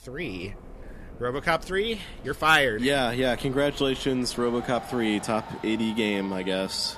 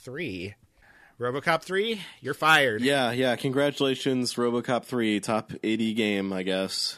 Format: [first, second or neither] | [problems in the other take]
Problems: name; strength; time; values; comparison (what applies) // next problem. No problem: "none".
second | train or aircraft noise; noticeable; throughout; 15 dB below the speech